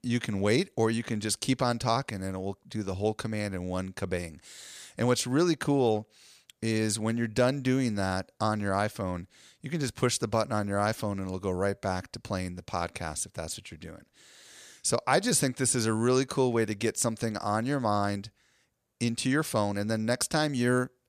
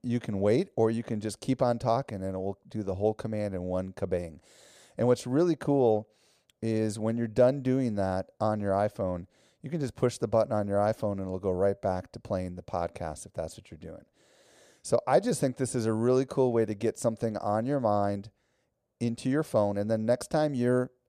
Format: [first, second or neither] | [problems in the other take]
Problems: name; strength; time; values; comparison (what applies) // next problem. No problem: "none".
first | muffled; slightly; fading above 1 kHz